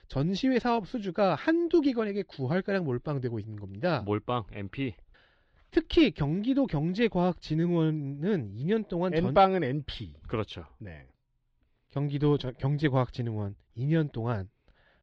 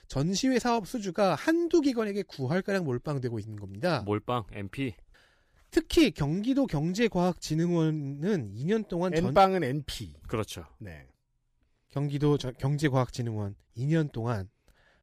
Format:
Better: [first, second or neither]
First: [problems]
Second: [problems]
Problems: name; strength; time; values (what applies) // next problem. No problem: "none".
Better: second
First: muffled; very slightly; fading above 4 kHz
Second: none